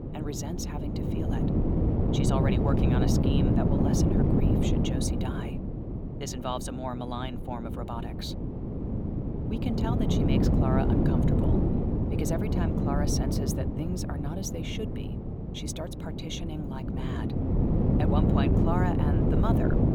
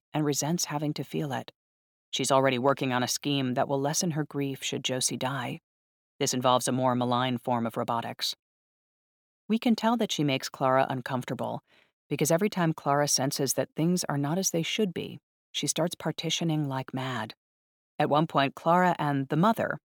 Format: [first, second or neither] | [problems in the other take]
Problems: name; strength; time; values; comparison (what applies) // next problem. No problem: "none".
second | wind noise on the microphone; heavy; 2 dB above the speech